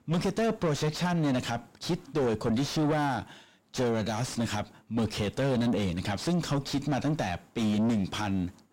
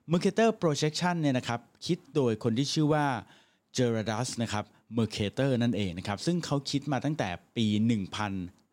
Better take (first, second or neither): second